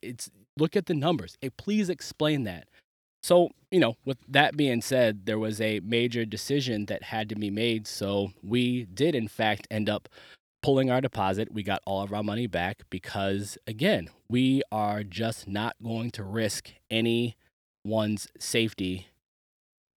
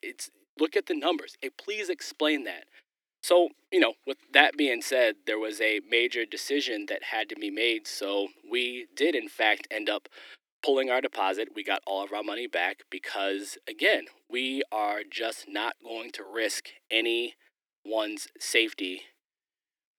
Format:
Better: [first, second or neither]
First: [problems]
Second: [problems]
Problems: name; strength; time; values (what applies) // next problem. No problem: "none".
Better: first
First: none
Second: thin; somewhat; fading below 300 Hz